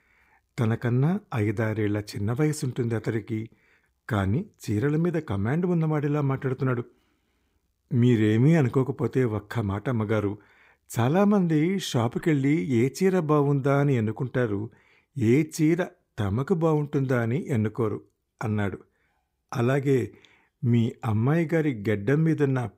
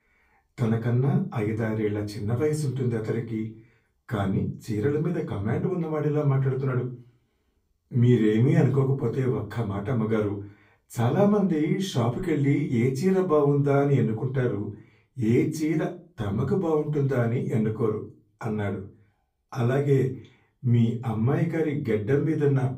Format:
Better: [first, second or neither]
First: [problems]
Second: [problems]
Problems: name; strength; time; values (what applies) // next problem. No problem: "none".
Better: first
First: none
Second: off-mic speech; far // room echo; very slight; dies away in 0.3 s